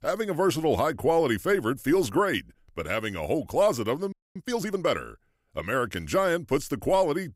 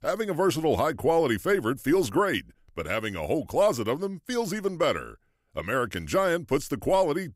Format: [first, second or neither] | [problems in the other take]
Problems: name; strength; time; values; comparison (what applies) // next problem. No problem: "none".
second | audio freezing; at 4 s